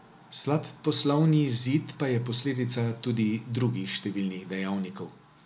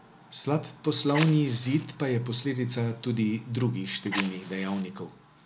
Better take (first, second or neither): first